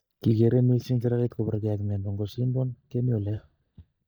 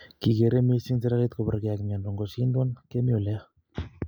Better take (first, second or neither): second